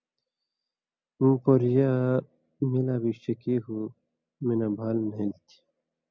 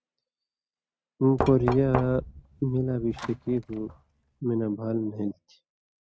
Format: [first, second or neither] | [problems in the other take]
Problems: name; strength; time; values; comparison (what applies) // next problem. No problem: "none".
first | noise reduction (neural mask model RNNoise)